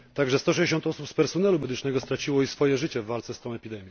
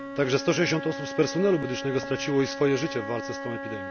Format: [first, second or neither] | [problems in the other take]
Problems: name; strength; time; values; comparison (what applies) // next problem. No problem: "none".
first | background sound (Wind instrument, woodwind instrument); 9 dB below the speech